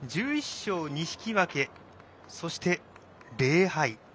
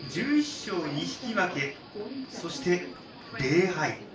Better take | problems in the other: first | background sound (Subway, metro, underground); 11 dB below the speech // room echo; dies away in 0.4 s

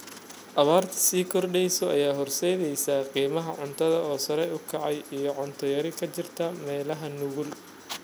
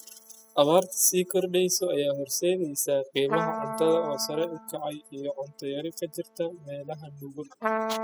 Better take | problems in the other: first | noise reduction (classical method spectral subtraction)

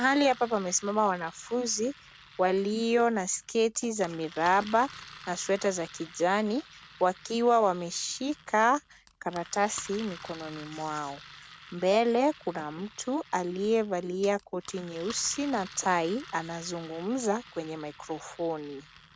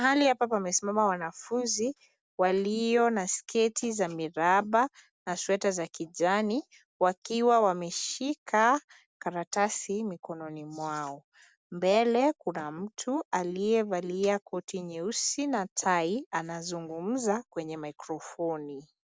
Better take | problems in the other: second | background sound (Engine); 20 dB below the speech

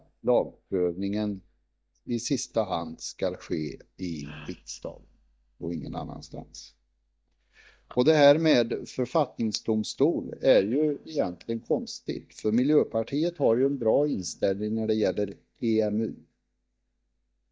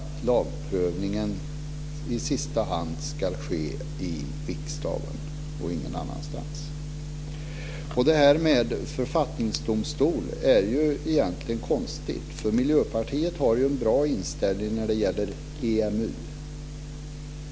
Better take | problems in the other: second | noise reduction (neural mask model DeepFilterNet 3)

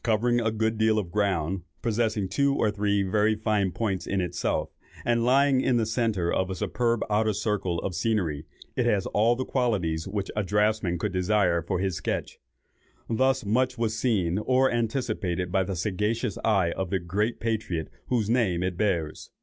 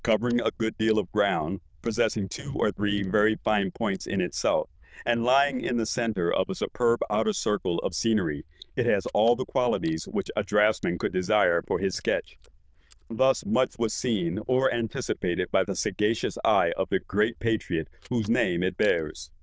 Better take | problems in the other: first | noise reduction (neural diffusion model UNIVERSE++)

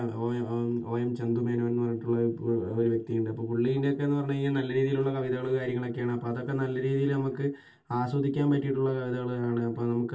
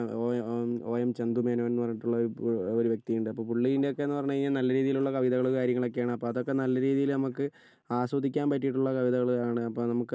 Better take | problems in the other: second | room echo; dies away in 0.2 s

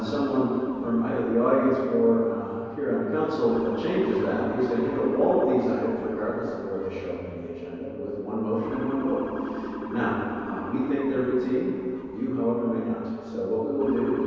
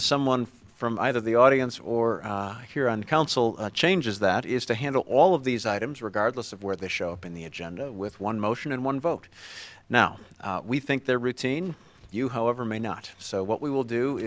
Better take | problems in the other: second | background sound (Motor vehicle (road) / Siren); 11 dB below the speech // room echo; dies away in 2.2 s

